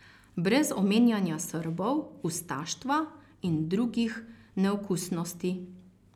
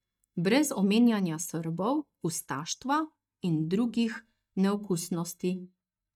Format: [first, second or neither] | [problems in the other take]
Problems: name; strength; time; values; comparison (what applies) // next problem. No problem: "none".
first | noise reduction (neural mask model DeepFilterNet 3)